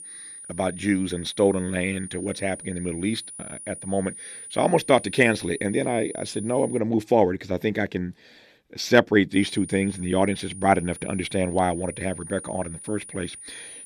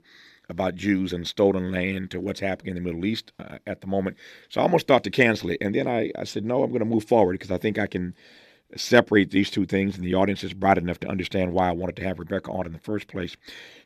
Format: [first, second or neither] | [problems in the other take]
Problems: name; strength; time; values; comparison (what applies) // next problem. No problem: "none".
second | high-pitched whine; noticeable; until 7 s and from 9.5 s on; 9.5 kHz, 15 dB below the speech